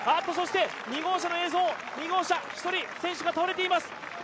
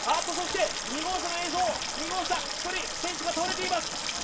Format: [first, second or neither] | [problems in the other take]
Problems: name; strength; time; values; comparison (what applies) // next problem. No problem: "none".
first | background sound (Sink (filling or washing) / Water tap, faucet); 3 dB below the speech // room echo; dies away in 0.2 s